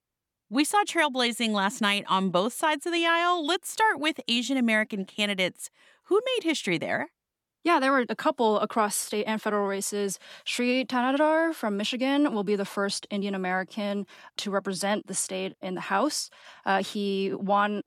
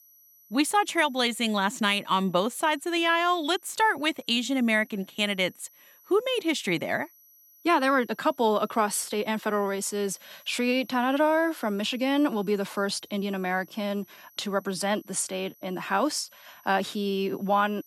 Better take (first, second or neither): first